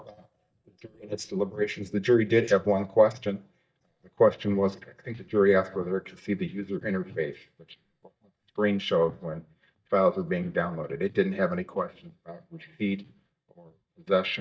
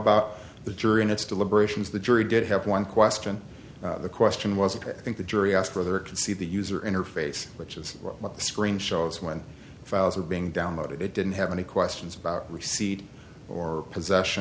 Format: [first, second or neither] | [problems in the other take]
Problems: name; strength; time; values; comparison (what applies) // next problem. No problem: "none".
second | noise reduction (neural mask model DeepFilterNet 3)